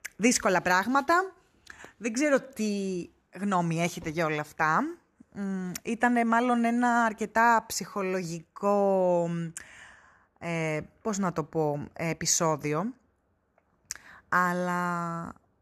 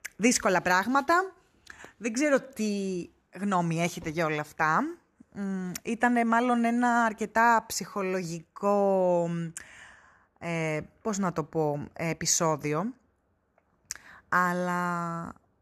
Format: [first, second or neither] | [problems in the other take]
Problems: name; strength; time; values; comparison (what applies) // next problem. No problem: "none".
neither | none